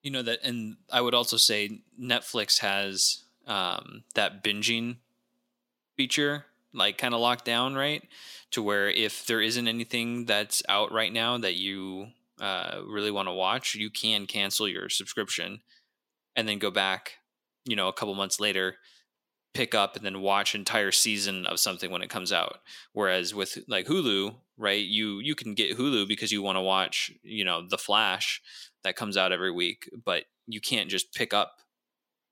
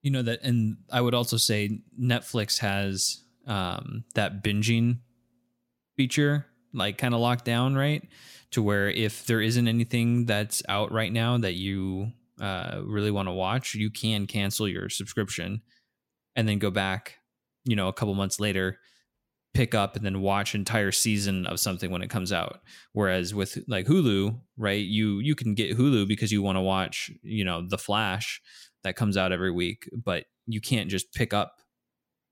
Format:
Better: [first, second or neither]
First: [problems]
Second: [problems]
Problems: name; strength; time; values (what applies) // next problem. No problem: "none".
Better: second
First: thin; somewhat; fading below 350 Hz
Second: none